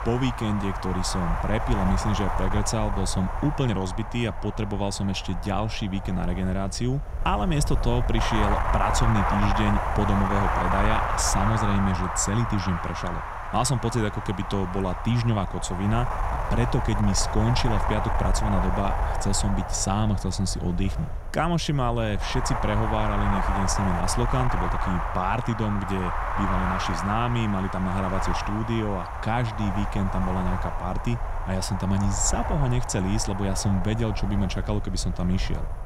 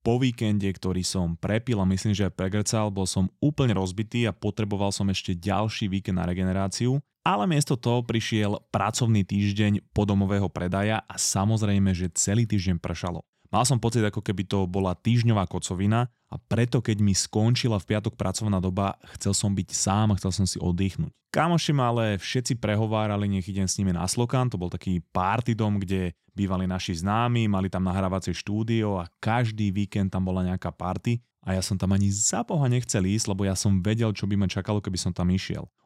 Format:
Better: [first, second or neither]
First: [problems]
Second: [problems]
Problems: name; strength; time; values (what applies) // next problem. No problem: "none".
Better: second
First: wind noise on the microphone; heavy; 1 dB above the speech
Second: none